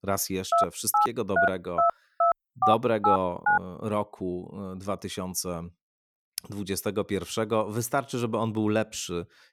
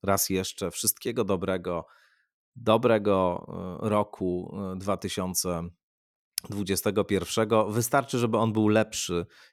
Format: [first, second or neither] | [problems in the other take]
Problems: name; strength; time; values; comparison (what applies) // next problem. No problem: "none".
second | phone ringing; loud; from 0.5 to 3.5 s; peak 5 dB above the speech